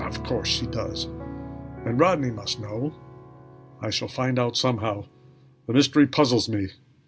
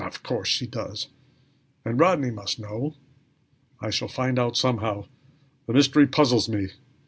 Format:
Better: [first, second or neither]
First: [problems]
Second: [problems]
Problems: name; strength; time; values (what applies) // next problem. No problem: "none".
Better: second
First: background sound (Piano + Electric guitar / Strum); 13 dB below the speech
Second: none